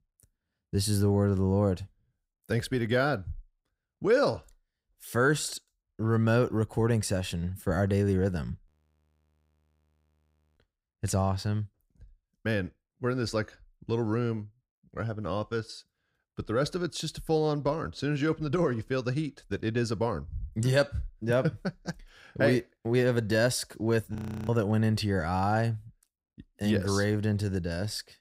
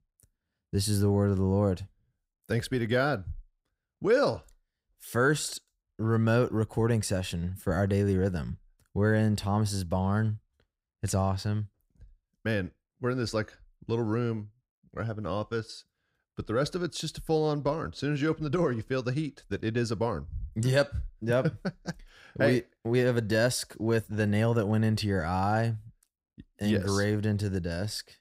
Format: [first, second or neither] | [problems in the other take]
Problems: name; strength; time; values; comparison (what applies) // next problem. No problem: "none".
second | audio freezing; at 8.5 s for 2 s and at 24 s